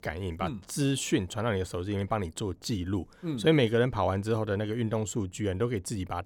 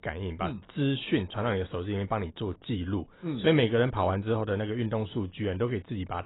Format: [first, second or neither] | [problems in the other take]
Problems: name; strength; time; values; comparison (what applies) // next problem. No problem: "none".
first | garbled, watery; badly; nothing above 4 kHz